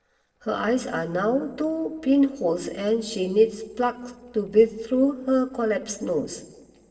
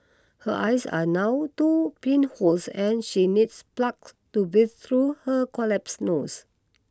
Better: second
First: noise reduction (neural separator model SepFormer DNS4)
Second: none

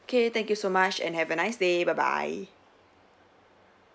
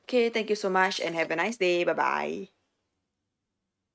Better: first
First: none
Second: noise reduction (neural mask model RNNoise)

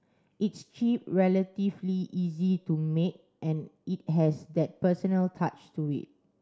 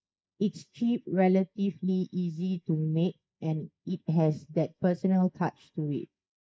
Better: first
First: none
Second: noise reduction (neural mask model Resemble Enhance denoiser)

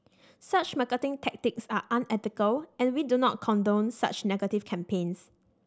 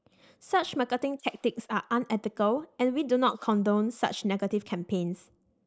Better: first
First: none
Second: noise reduction (neural mask model Resemble Enhance denoiser)

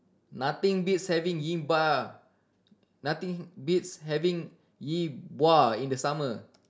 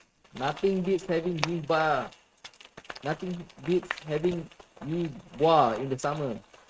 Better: first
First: none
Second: noise reduction (neural mask model RNNoise)

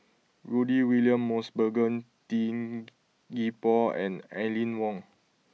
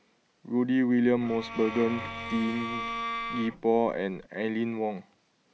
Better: first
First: none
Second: background sound (Bowed string instrument); 8 dB below the speech

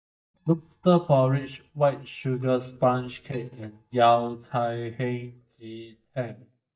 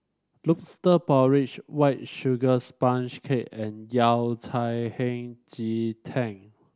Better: second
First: noise reduction (neural mask model DeepFilterNet 3)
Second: none

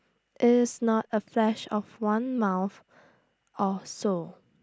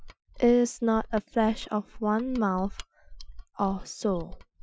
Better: first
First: none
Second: noise reduction (classical method Wiener filter)

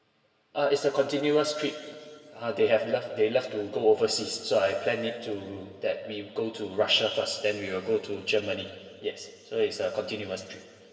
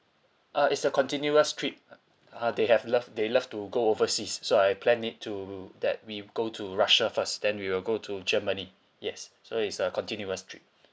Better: second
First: room echo; dies away in 2.3 s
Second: none

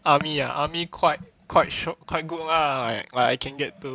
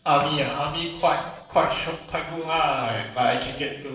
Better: first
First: none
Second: noise reduction (neural separator model SepFormer DNS4)

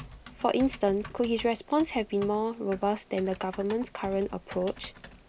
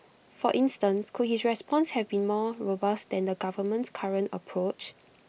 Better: second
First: background sound (Typing); 17 dB below the speech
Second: none

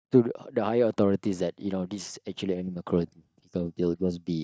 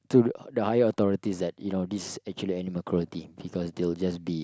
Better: second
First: noise reduction (neural mask model DeepFilterNet 3)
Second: none

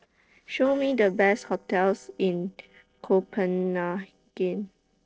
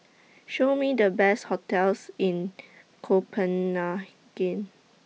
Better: second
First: noise reduction (neural separator model SepFormer DNS4)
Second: none

